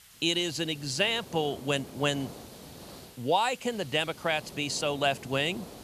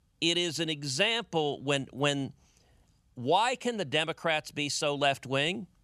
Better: second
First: hiss; noticeable; throughout; 15 dB below the speech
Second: none

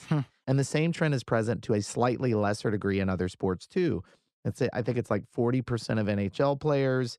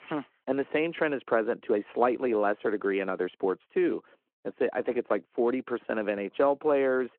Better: first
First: none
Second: phone-call audio

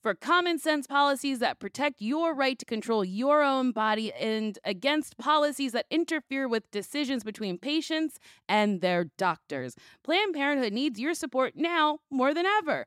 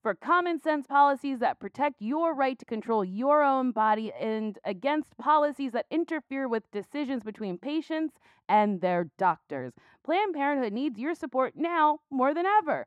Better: first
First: none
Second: muffled; very; fading above 3 kHz

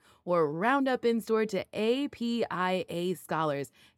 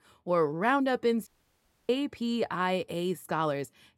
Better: first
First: none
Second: audio cutting out; at 1.5 s for 0.5 s

